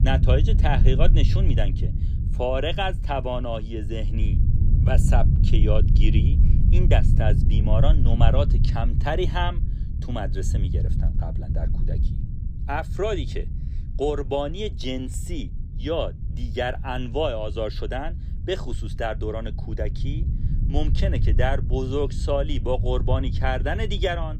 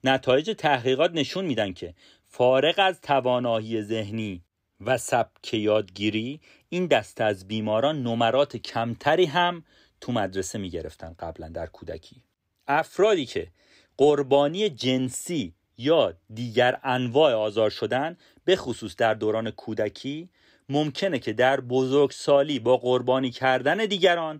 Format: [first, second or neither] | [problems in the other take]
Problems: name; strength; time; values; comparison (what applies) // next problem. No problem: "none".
second | low rumble; noticeable; throughout; 10 dB below the speech